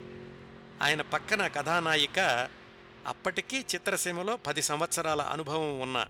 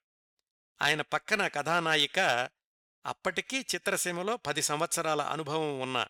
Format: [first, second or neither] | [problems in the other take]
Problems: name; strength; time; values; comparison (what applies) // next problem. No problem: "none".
second | traffic noise; faint; throughout; 20 dB below the speech